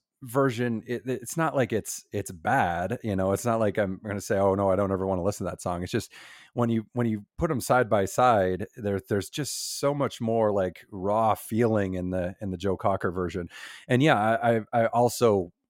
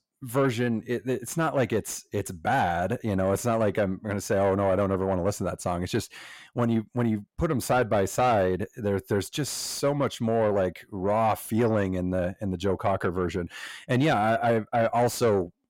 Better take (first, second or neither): first